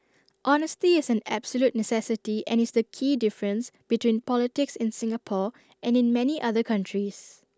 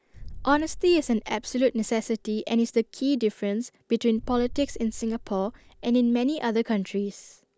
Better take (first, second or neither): first